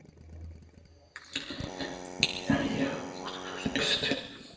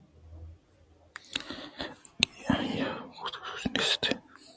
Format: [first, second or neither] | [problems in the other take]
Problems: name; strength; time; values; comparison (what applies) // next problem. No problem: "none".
second | background sound (Drill); 11 dB below the speech // room echo; dies away in 1.1 s